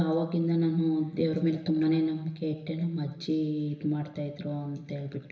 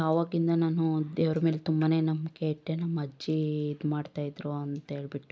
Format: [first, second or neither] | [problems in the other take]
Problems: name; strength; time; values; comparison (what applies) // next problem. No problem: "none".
second | room echo; dies away in 1 s